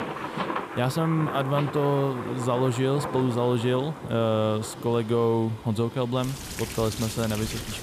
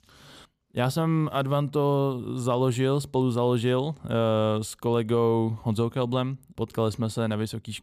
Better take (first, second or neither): second